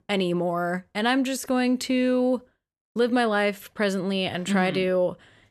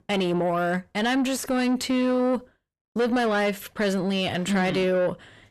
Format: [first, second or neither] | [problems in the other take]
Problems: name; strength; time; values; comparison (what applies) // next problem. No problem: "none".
first | distortion; slight; 10 dB below the speech